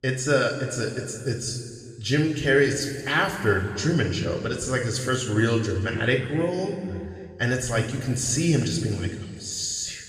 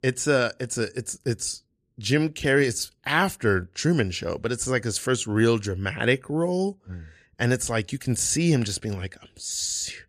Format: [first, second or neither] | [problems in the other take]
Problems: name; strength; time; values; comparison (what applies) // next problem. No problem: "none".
second | room echo; noticeable; dies away in 2 s // off-mic speech; somewhat distant